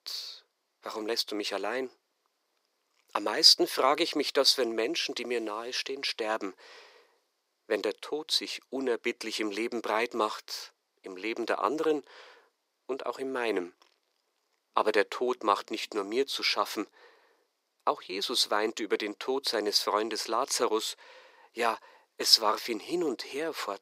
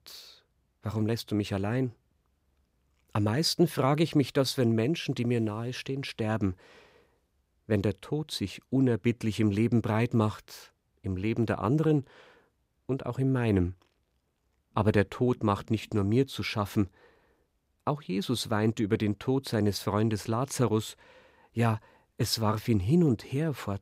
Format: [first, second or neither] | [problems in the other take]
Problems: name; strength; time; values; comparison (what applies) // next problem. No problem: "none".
second | thin; very; fading below 400 Hz